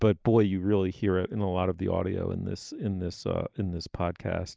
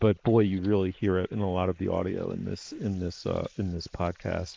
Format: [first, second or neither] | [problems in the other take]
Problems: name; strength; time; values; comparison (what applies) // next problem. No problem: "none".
first | noise reduction (neural mask model Resemble Enhance denoiser)